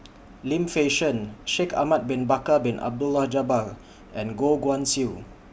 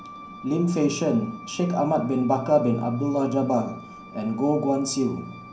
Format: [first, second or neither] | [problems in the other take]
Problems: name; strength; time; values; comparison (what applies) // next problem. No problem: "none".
first | background sound (Wind instrument, woodwind instrument); 19 dB below the speech // room echo; dies away in 0.6 s